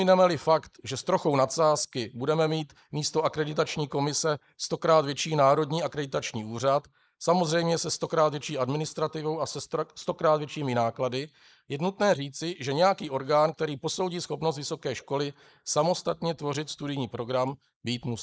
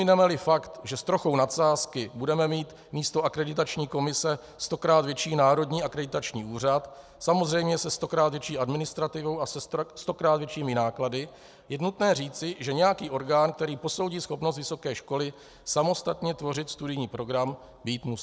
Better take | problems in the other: second | noise reduction (neural mask model Resemble Enhance denoiser)

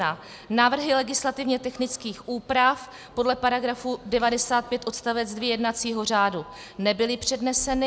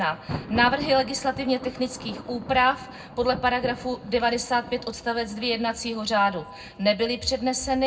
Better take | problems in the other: first | background sound (Thunder); 14 dB below the speech // room echo; dies away in 0.3 s

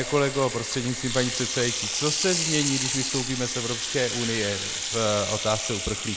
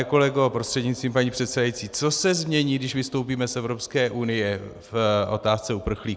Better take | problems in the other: second | background sound (Sink (filling or washing) / Water tap, faucet); 2 dB below the speech

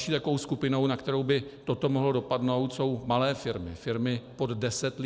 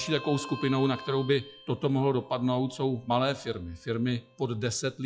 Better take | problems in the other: first | noise reduction (classical method log-MMSE)

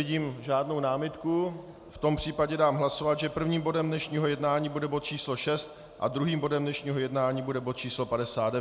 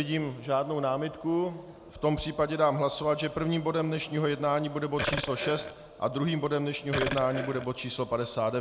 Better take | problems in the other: first | background sound (Burping, eructation); 5 dB below the speech

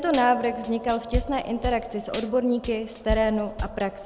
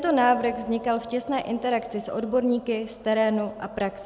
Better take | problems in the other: second | background sound (Tambourine / Drum / Drum kit); 9 dB below the speech

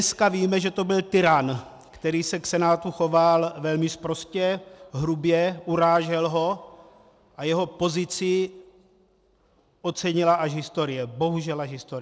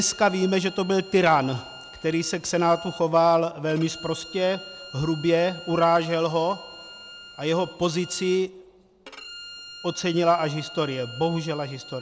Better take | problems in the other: first | background sound (Bowed string instrument); 18 dB below the speech

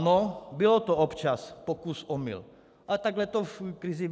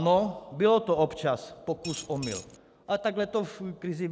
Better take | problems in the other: first | background sound (Coin (dropping)); 12 dB below the speech

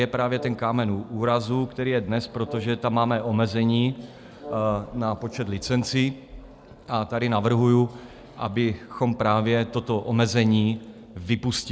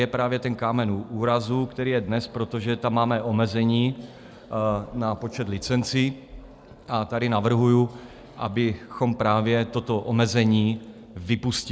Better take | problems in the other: second | background sound (Brass instrument); 18 dB below the speech

